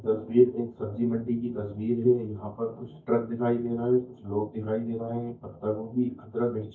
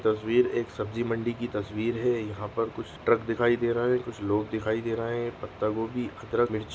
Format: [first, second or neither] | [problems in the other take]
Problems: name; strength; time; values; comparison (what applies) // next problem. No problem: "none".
second | noise reduction (neural mask model DeepFilterNet 3)